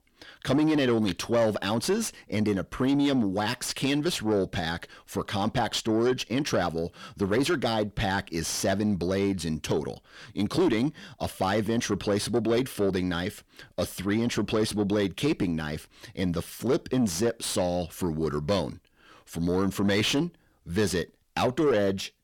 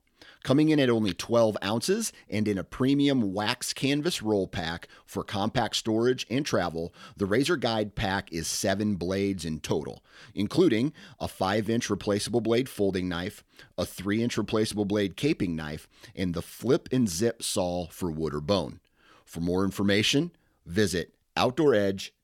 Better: second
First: distortion; slight; 10 dB below the speech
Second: none

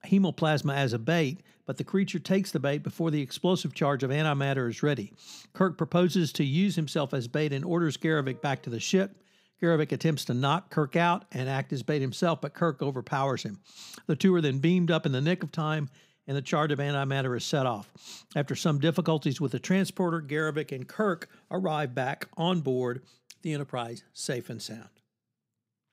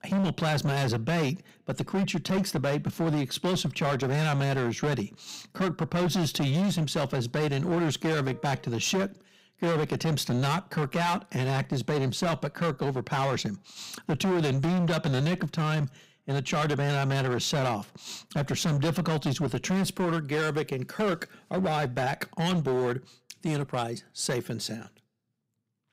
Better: first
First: none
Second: distortion; heavy; 19% of the sound clipped

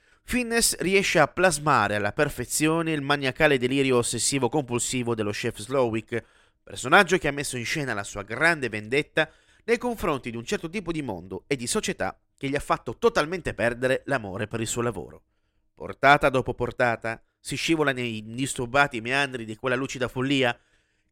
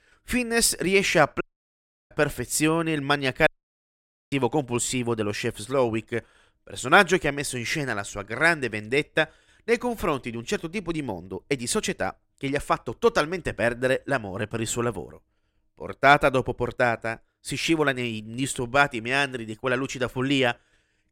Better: first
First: none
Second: audio cutting out; at 1.5 s for 0.5 s and at 3.5 s for 1 s

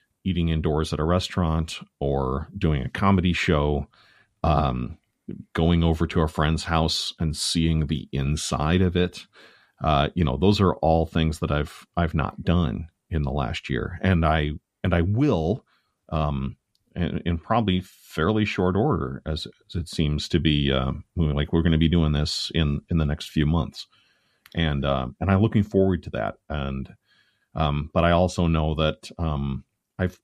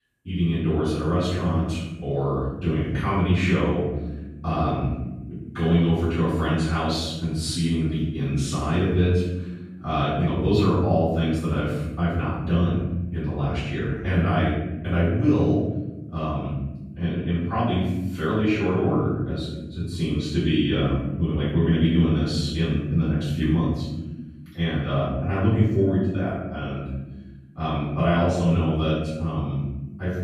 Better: first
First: none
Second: off-mic speech; far // room echo; strong; dies away in 1.2 s

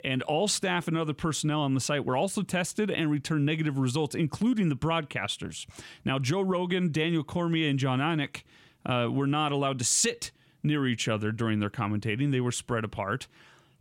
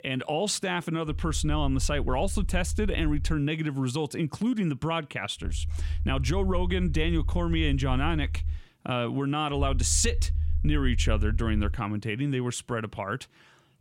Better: first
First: none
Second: low rumble; faint; from 1 to 3.5 s, from 5.5 to 8.5 s and from 9.5 to 12 s; 20 dB below the speech

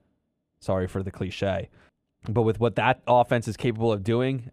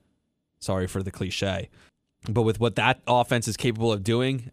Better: second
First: muffled; slightly; fading above 3 kHz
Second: none

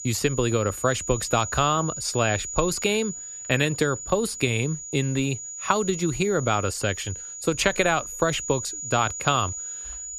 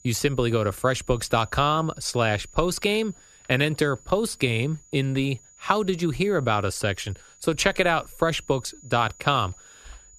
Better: second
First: high-pitched whine; loud; throughout; 7 kHz, 8 dB below the speech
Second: high-pitched whine; faint; throughout; 7 kHz, 25 dB below the speech

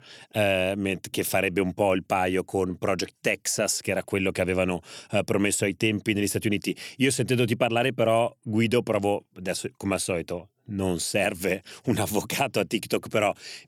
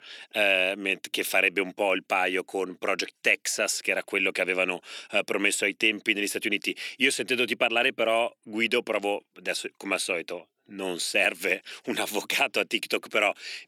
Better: first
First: none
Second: thin; very slightly; fading below 250 Hz

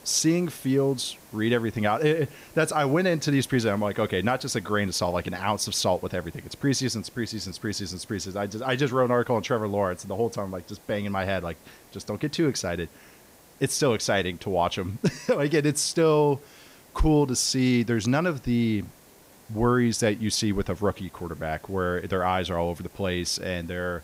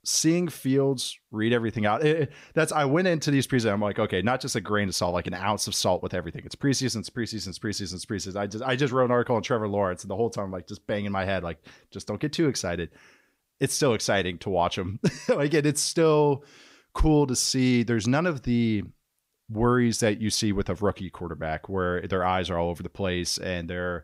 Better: second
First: hiss; faint; throughout; 25 dB below the speech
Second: none

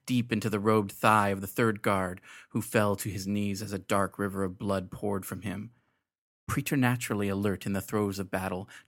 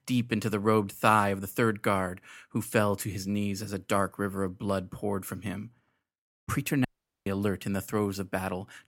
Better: first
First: none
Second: audio cutting out; at 7 s

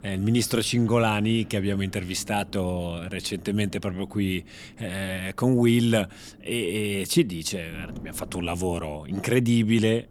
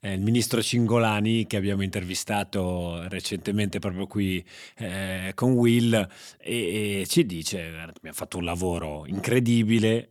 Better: second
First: wind noise on the microphone; occasional gusts; 25 dB below the speech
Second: none

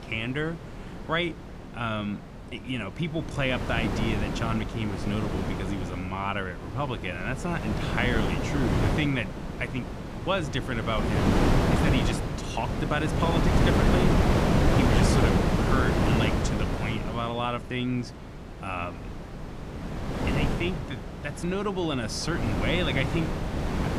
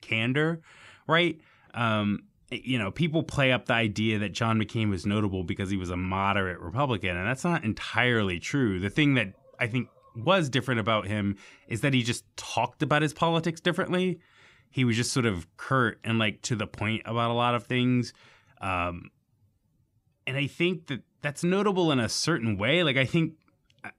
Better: second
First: wind noise on the microphone; heavy; as loud as the speech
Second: none

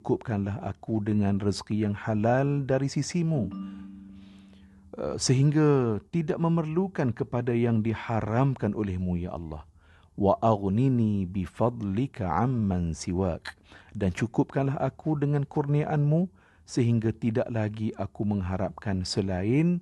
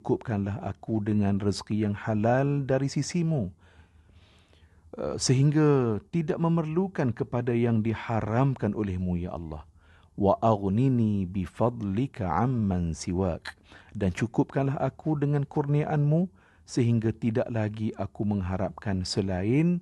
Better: second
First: phone ringing; faint; from 3.5 to 4.5 s; peak 10 dB below the speech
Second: none

